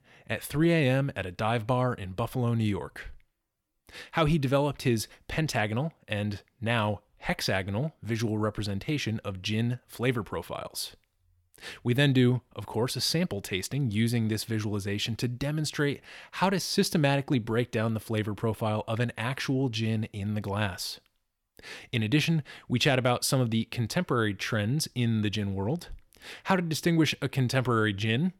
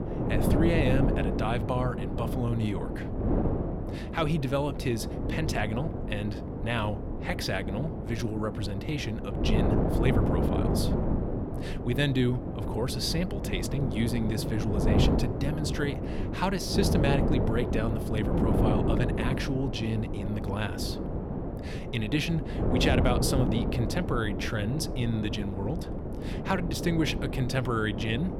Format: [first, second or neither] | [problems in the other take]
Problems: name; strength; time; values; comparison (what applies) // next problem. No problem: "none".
first | wind noise on the microphone; heavy; 2 dB below the speech